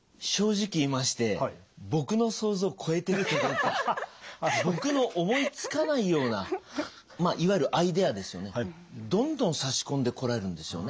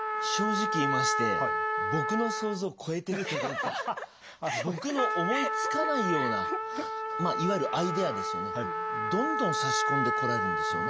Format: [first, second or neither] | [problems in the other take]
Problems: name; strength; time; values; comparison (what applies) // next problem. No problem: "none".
first | background sound (Trumpet); 1 dB above the speech